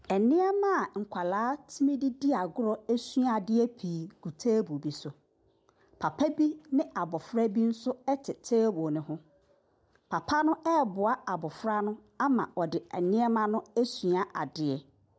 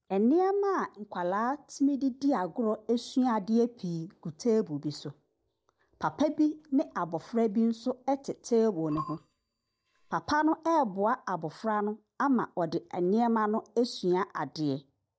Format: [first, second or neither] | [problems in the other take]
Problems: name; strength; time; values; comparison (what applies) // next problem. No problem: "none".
first | noise reduction (neural mask model DeepFilterNet 3)